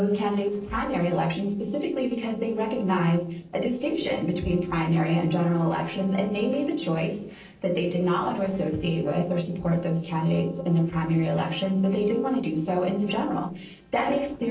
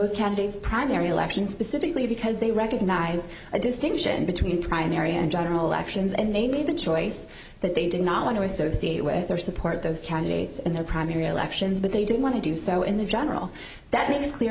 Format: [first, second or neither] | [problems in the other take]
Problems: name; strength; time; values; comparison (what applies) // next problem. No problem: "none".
second | noise reduction (neural separator model SepFormer DNS4)